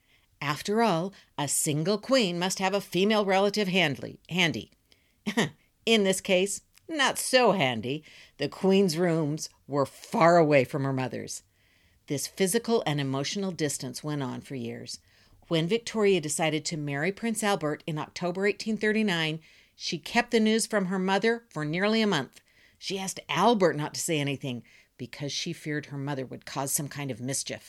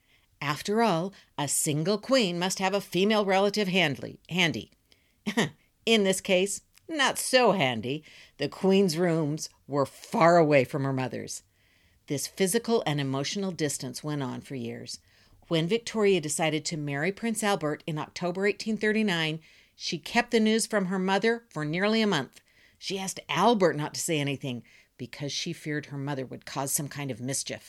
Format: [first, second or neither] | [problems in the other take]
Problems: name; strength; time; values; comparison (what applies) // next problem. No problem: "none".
neither | none